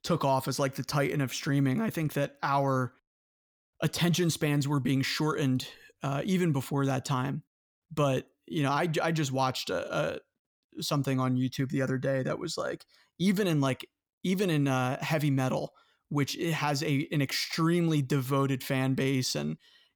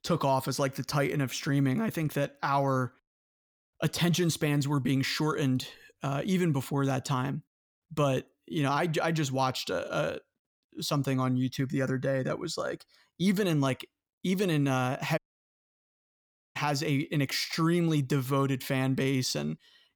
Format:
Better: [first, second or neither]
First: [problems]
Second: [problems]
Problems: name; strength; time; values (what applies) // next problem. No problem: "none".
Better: first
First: none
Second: audio cutting out; at 15 s for 1.5 s